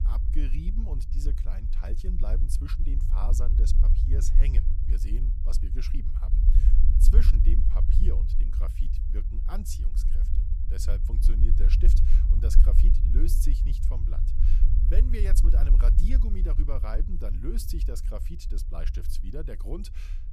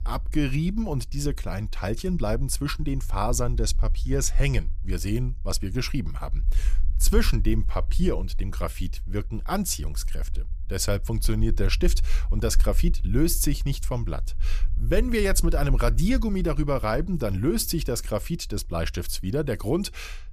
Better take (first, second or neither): second